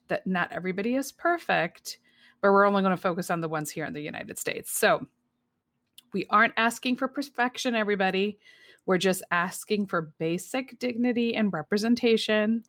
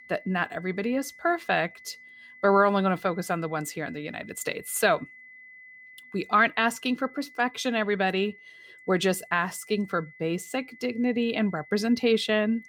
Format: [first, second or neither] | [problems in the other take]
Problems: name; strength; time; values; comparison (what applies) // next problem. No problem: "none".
first | high-pitched whine; faint; throughout; 2 kHz, 20 dB below the speech